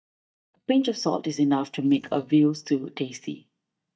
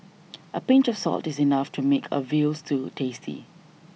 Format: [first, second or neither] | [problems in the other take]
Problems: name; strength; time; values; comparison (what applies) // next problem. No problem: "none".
second | noise reduction (neural mask model DeepFilterNet 3)